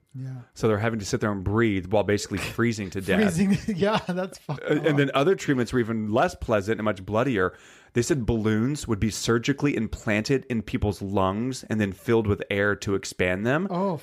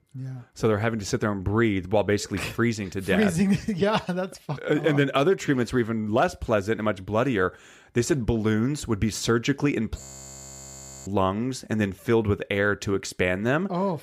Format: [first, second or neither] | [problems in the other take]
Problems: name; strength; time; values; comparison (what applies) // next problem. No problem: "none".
first | audio freezing; at 10 s for 1 s